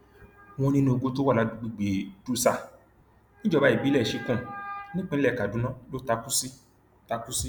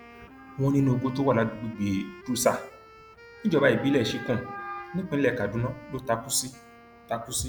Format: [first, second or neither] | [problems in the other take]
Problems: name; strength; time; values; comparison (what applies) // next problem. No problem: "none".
first | background sound (Wind instrument, woodwind instrument); 20 dB below the speech